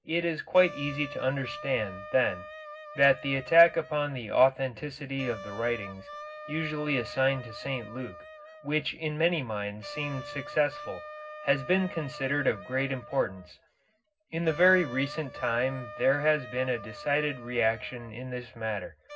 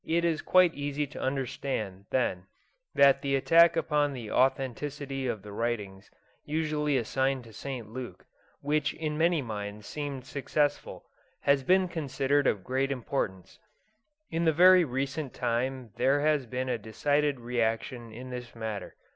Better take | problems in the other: second | background sound (Wind instrument, woodwind instrument); 15 dB below the speech // room echo; dies away in 0.4 s

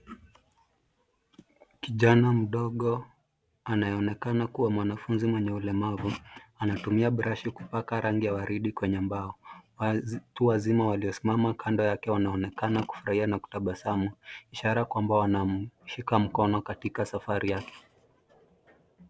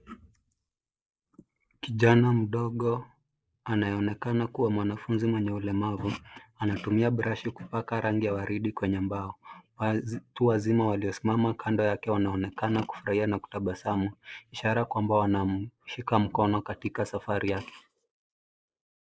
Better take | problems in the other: first | noise reduction (neural mask model Resemble Enhance denoiser)

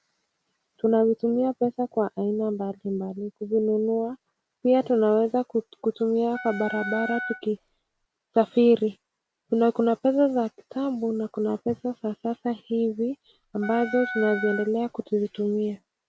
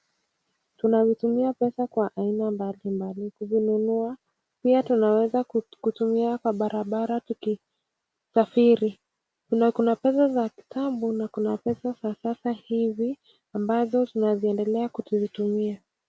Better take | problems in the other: second | background sound (Wind instrument, woodwind instrument); 10 dB below the speech

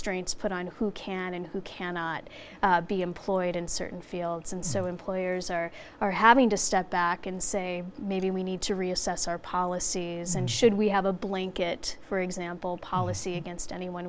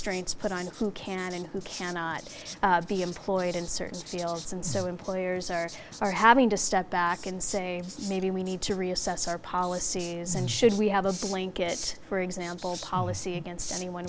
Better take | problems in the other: first | background sound (Writing); 16 dB below the speech

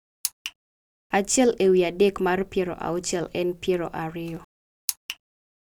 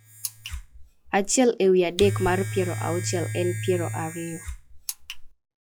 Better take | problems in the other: first | noise reduction (classical method log-MMSE)

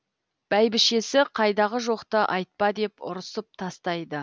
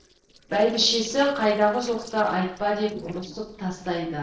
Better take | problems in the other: first | noise reduction (neural separator model SepFormer DNS4)

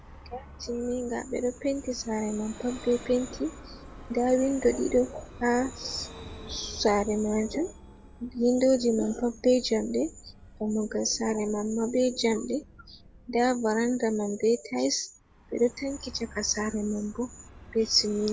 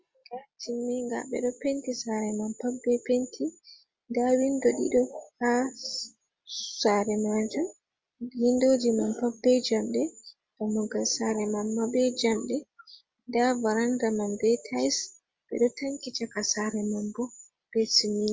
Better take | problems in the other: second | background sound (Vehicle); 18 dB below the speech

